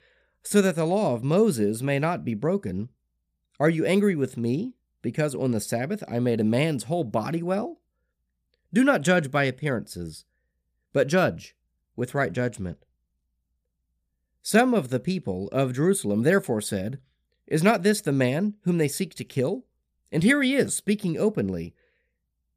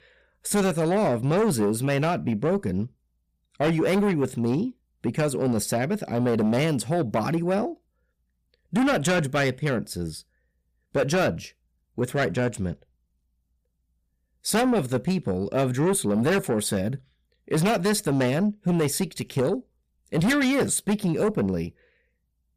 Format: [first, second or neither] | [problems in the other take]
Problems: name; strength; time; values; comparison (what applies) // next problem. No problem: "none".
first | distortion; heavy; 7 dB below the speech